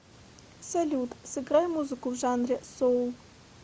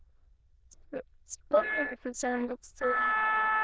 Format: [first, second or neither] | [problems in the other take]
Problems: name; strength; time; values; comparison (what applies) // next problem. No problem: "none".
first | noise reduction (neural diffusion model UNIVERSE++)